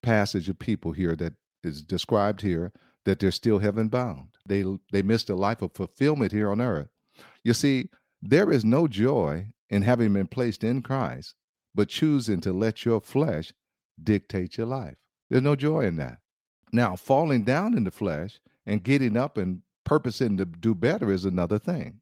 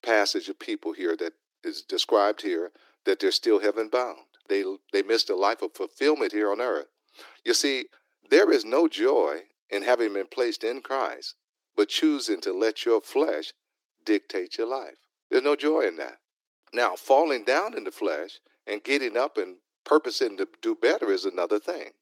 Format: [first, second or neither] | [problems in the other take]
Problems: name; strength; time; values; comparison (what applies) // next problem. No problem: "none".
first | thin; very; fading below 300 Hz